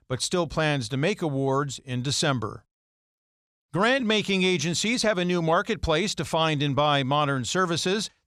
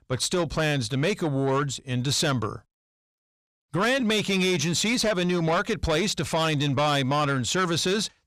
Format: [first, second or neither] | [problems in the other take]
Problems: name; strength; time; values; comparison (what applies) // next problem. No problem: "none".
first | distortion; slight; 10 dB below the speech